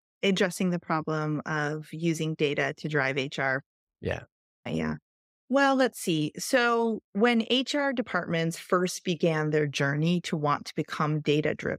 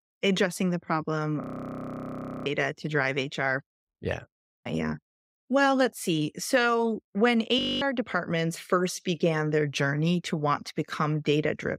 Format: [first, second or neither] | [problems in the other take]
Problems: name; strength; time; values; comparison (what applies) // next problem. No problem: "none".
first | audio freezing; at 1.5 s for 1 s and at 7.5 s